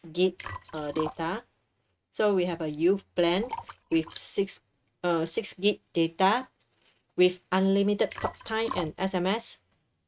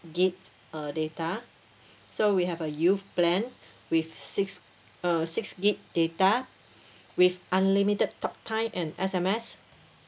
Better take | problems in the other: second | noise reduction (neural mask model RNNoise)

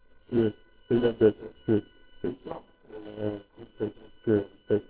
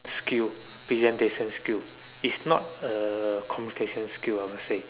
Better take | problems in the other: second | noise reduction (neural separator model SepFormer WHAMR!)

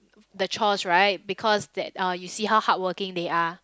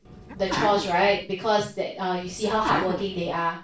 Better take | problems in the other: first | background sound (Sneeze); 7 dB below the speech // room echo; dies away in 0.3 s

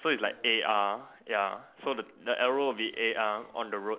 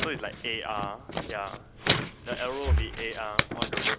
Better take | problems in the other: first | background sound (Breathing + Tearing); 4 dB above the speech

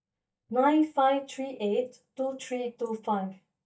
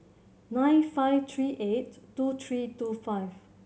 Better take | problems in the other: second | noise reduction (neural mask model DeepFilterNet 3)

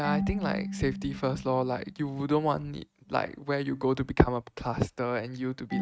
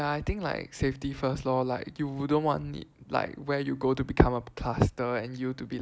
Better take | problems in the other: second | noise reduction (neural mask model RNNoise)

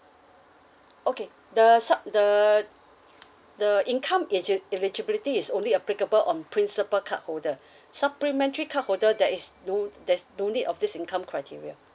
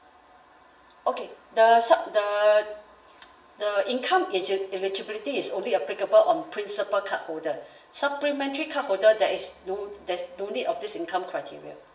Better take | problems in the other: first | room echo; dies away in 0.6 s

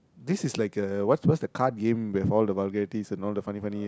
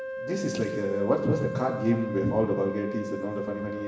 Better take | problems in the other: first | background sound (Wind instrument, woodwind instrument); 8 dB below the speech // room echo; dies away in 1.1 s

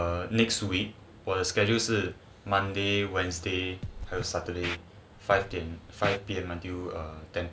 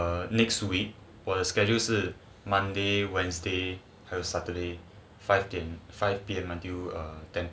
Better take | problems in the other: second | background sound (Scratching (performance technique)); 10 dB below the speech

